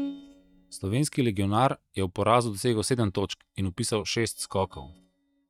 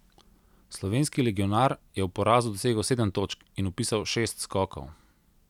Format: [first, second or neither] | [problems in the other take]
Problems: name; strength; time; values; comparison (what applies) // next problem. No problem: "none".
second | noise reduction (neural mask model DeepFilterNet 3)